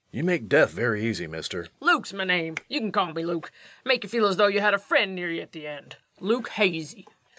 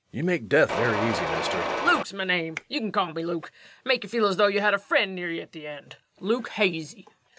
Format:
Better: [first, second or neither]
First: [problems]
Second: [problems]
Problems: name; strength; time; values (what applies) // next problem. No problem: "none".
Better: first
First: none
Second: background sound (Mechanisms); 1 dB below the speech